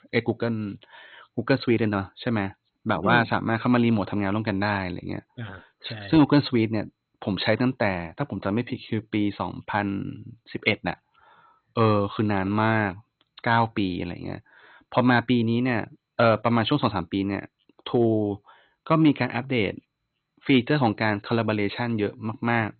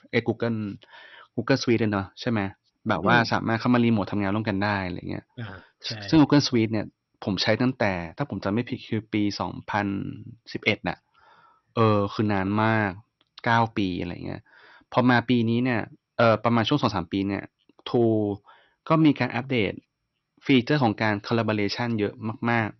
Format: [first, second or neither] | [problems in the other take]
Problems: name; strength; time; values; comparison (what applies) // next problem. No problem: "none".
second | garbled, watery; badly; nothing above 4 kHz; slightly in the second